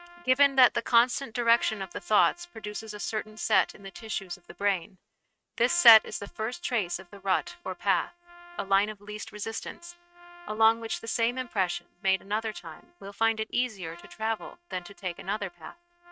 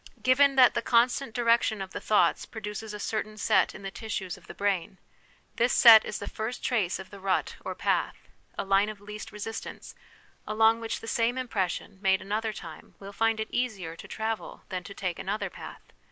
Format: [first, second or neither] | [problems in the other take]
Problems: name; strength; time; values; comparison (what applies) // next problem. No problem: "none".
second | noise reduction (neural mask model RNNoise)